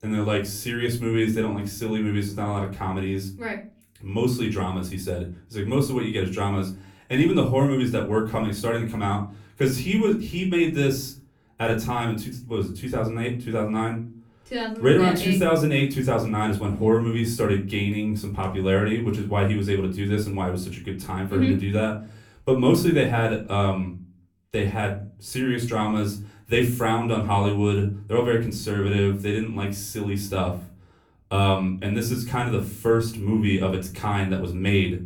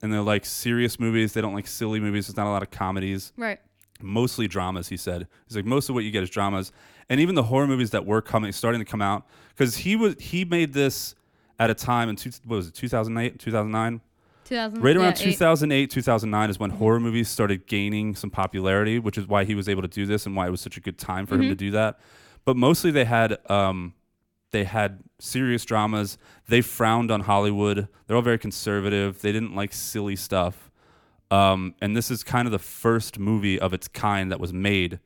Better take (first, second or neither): second